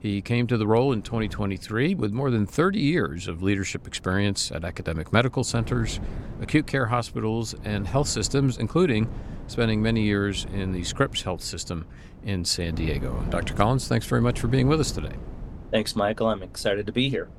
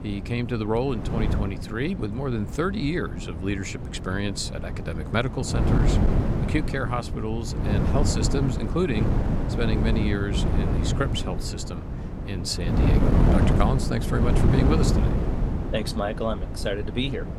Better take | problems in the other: first | wind noise on the microphone; heavy; 3 dB below the speech; occasional gusts in the first

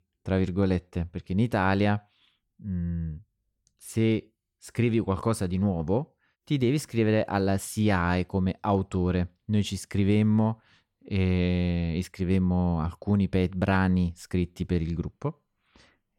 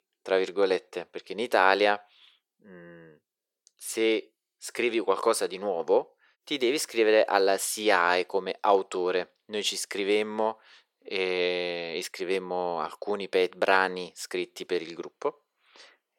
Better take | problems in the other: first | thin; very; fading below 400 Hz

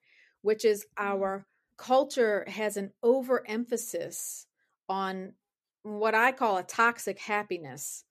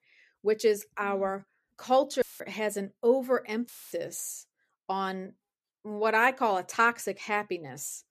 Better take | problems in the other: first | audio cutting out; filled with static; at 2 s and at 3.5 s

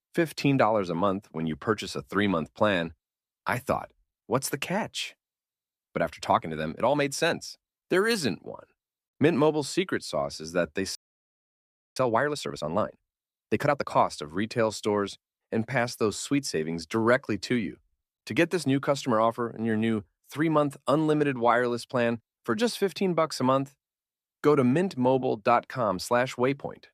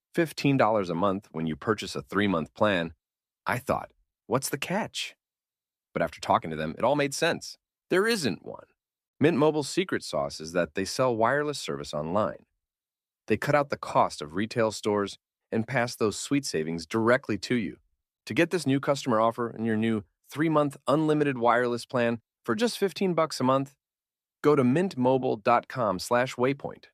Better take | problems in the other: second | audio freezing; at 11 s for 1 s

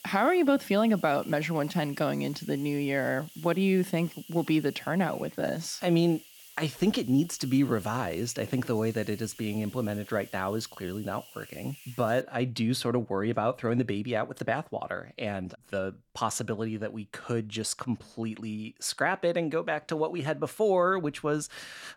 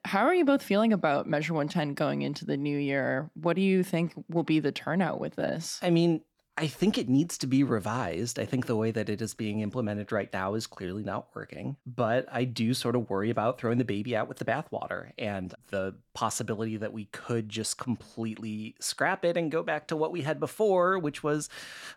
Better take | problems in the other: second | hiss; noticeable; until 12 s; 20 dB below the speech

